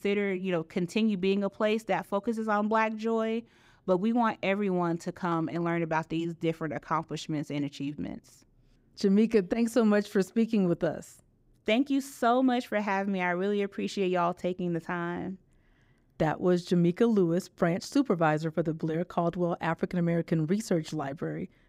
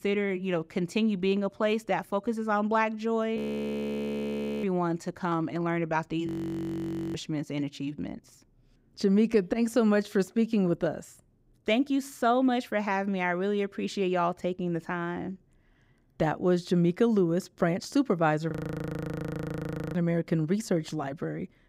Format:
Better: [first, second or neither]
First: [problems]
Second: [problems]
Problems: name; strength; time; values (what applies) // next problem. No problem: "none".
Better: first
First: none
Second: audio freezing; at 3.5 s for 1.5 s, at 6.5 s for 1 s and at 19 s for 1.5 s